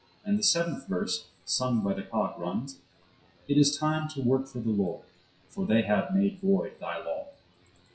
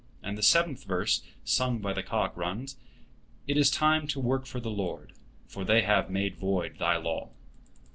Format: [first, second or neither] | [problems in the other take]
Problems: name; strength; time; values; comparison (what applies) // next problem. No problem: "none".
second | noise reduction (classical method WPE with log-MMSE)